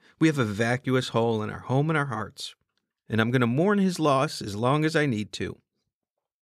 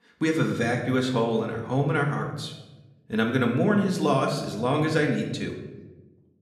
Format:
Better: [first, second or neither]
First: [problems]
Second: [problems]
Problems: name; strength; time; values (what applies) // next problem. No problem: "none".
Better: first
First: none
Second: room echo; slight; dies away in 0.9 s // off-mic speech; somewhat distant